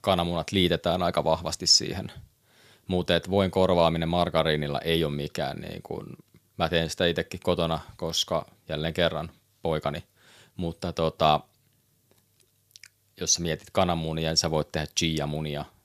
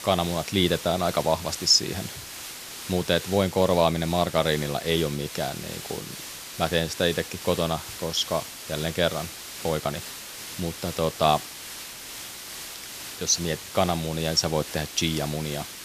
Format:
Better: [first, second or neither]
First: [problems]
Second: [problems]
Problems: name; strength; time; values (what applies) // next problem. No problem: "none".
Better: first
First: none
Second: hiss; noticeable; throughout; 10 dB below the speech